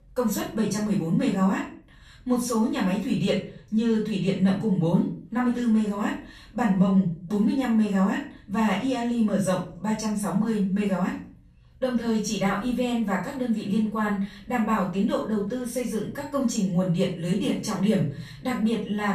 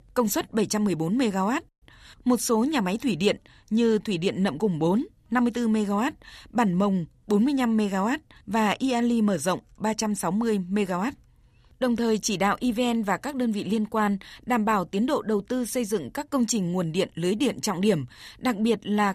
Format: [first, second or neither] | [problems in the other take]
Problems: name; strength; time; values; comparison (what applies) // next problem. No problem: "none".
second | off-mic speech; far // room echo; noticeable; dies away in 0.4 s